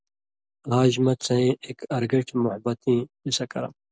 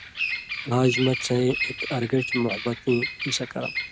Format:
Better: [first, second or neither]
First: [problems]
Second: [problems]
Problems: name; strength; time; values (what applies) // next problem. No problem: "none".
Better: first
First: none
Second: background sound (Bird vocalization, bird call, bird song); 6 dB below the speech